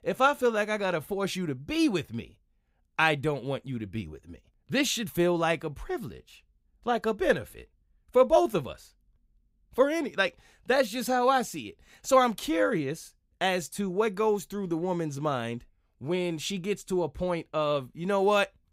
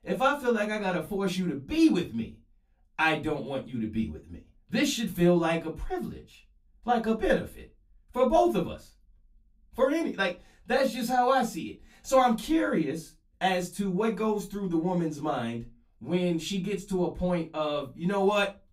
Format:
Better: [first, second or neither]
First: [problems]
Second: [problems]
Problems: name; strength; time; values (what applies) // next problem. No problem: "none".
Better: first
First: none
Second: off-mic speech; far // room echo; very slight; dies away in 0.2 s